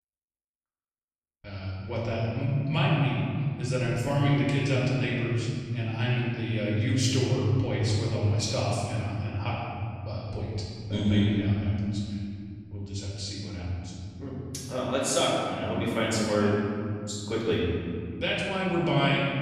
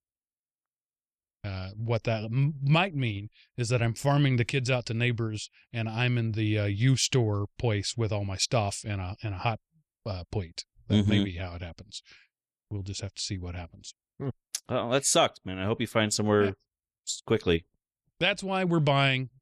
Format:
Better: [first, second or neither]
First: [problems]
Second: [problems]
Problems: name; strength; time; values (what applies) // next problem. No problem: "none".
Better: second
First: room echo; strong; dies away in 3 s // off-mic speech; far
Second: none